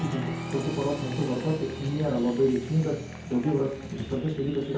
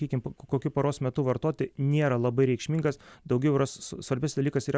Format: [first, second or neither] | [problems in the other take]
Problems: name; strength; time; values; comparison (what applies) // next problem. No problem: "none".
second | background sound (Applause); 8 dB below the speech // room echo; dies away in 0.6 s